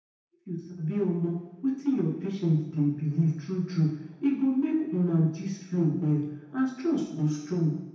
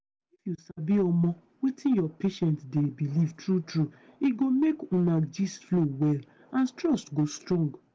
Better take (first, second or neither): second